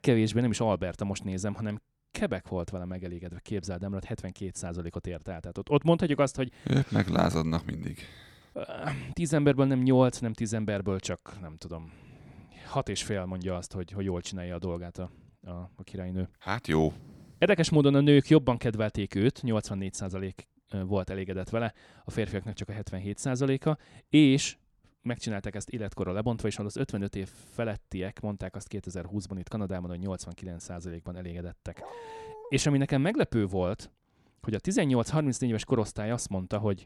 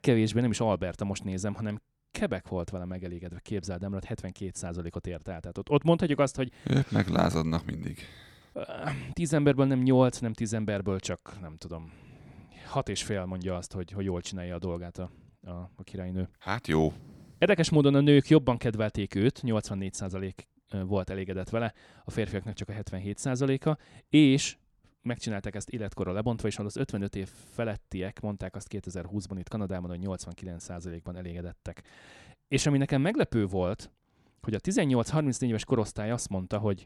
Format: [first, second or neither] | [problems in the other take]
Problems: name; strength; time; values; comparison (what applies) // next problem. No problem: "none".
second | dog barking; faint; at 32 s; peak 15 dB below the speech